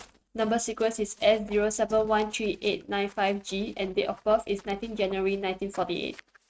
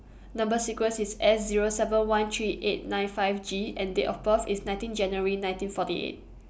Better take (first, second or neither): second